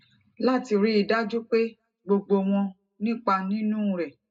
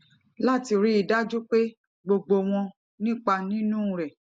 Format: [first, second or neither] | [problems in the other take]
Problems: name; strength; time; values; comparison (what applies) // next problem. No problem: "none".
second | room echo; dies away in 0.2 s